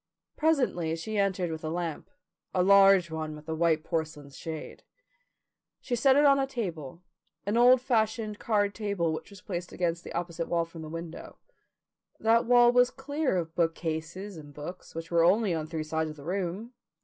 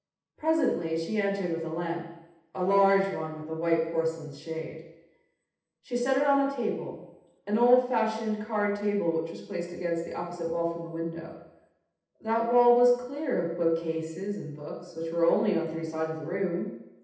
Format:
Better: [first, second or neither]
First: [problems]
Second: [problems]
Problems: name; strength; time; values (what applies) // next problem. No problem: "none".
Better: first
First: none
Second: room echo; dies away in 0.8 s